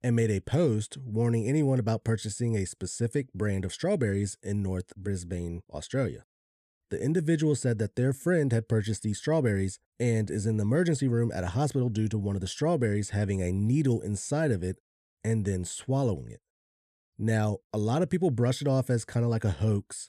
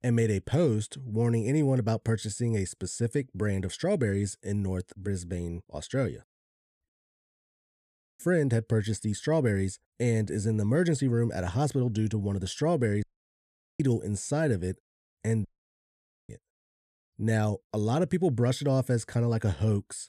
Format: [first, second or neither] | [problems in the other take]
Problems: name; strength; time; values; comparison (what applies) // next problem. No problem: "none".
first | audio cutting out; at 7 s for 1.5 s, at 13 s for 1 s and at 15 s for 1 s